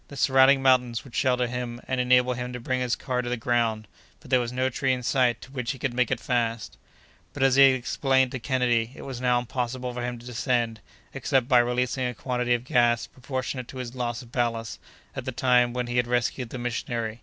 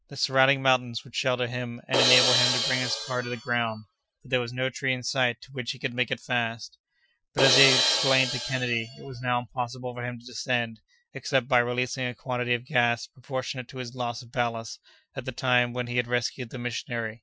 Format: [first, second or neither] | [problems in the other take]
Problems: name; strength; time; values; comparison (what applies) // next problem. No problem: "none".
first | noise reduction (classical method Wiener filter)